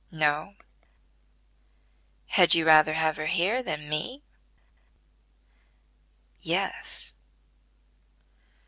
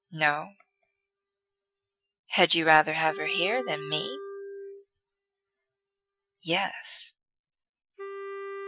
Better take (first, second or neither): first